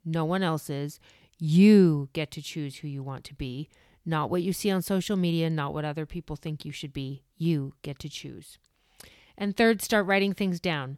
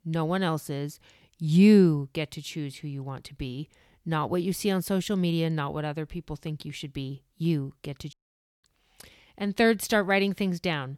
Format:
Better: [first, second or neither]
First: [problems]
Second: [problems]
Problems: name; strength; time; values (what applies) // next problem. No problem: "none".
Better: first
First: none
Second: audio cutting out; at 8 s for 0.5 s